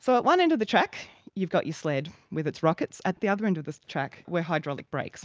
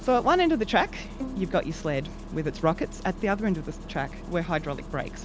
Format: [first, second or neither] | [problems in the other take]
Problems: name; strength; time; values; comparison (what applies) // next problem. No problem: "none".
first | background sound (Bowed string instrument + Engine starting); 11 dB below the speech